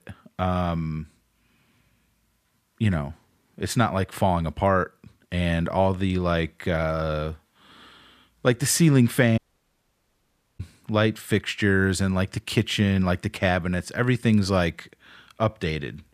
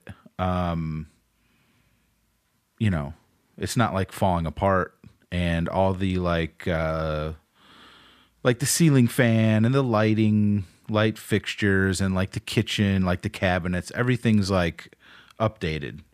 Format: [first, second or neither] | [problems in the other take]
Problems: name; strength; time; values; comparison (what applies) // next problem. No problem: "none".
second | audio cutting out; at 9.5 s for 1 s